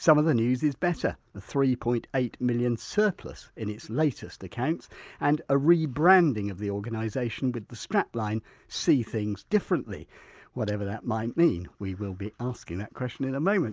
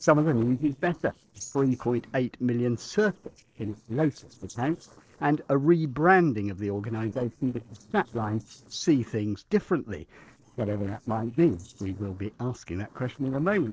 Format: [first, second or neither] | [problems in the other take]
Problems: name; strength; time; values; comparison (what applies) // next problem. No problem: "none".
first | noise reduction (neural separator model SepFormer DNS4)